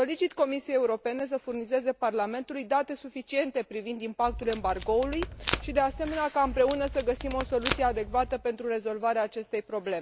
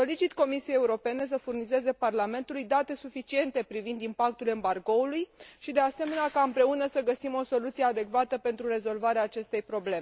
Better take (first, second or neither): second